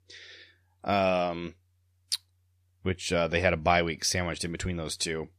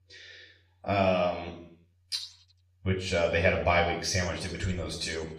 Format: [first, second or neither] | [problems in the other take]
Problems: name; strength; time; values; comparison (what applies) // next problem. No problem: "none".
first | room echo; noticeable; dies away in 0.6 s // off-mic speech; far